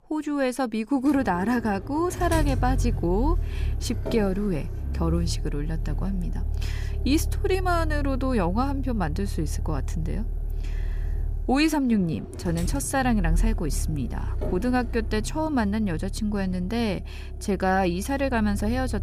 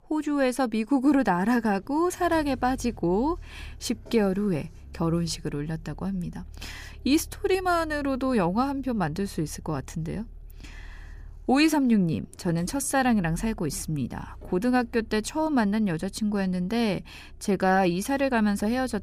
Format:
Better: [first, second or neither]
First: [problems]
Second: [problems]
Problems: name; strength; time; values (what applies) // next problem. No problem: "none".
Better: second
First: traffic noise; loud; throughout; 5 dB below the speech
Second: traffic noise; faint; throughout; 20 dB below the speech